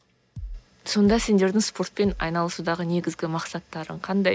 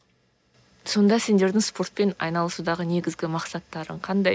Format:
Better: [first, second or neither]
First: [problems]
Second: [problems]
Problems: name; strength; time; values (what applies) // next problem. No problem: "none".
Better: second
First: background sound (Bass drum); 12 dB below the speech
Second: none